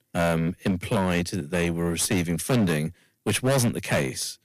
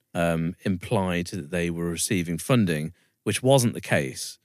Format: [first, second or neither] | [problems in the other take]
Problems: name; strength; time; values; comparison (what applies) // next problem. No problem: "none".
second | distortion; heavy; 16% of the sound clipped